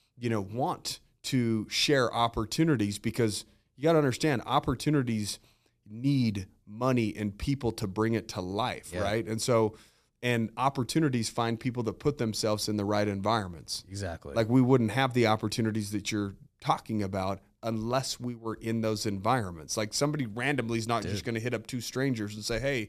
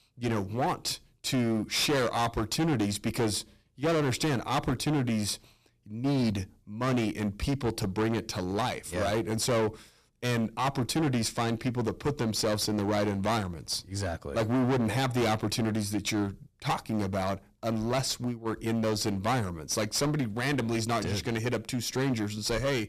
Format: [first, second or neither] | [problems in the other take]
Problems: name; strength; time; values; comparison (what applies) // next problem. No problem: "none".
first | distortion; heavy; 16% of the sound clipped